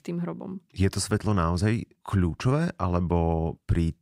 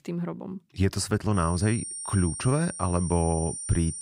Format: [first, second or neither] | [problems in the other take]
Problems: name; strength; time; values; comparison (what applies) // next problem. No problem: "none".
first | high-pitched whine; loud; from 1.5 s on; 9 kHz, 7 dB below the speech